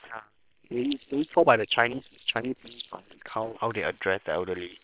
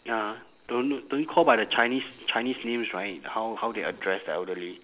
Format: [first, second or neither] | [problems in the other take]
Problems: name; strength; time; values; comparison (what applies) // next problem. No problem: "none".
second | noise reduction (neural separator model SepFormer WHAM!)